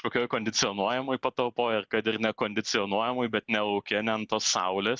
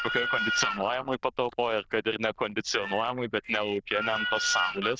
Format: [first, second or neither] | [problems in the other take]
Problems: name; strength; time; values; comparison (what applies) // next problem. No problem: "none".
first | noise reduction (neural diffusion model UNIVERSE++)